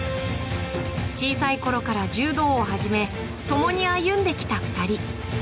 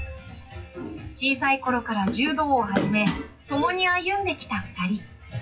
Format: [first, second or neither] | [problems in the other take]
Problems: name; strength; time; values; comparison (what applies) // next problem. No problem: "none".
first | noise reduction (classical method WPE with log-MMSE)